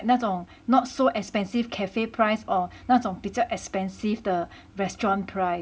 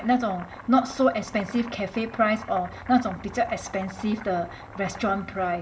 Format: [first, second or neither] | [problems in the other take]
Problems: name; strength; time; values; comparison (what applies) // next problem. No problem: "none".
first | background sound (Boiling); 17 dB below the speech // room echo; dies away in 1 s